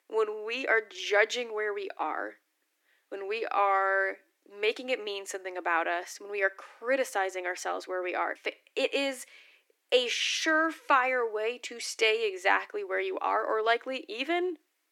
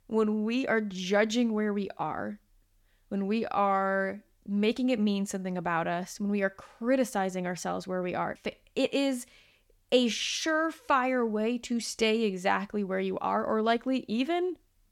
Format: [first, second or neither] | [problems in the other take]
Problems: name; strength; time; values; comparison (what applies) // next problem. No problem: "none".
second | thin; very; fading below 300 Hz